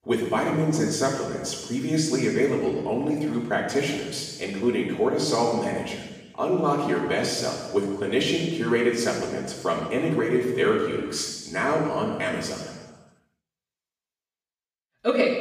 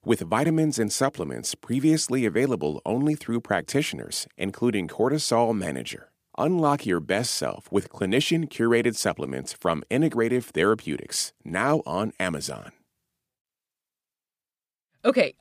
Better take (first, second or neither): second